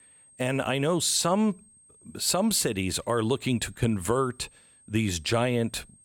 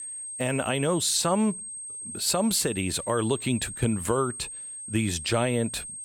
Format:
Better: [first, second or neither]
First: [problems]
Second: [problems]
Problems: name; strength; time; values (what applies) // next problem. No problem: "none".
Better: first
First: high-pitched whine; faint; throughout; 8.5 kHz, 30 dB below the speech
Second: high-pitched whine; loud; throughout; 8.5 kHz, 9 dB below the speech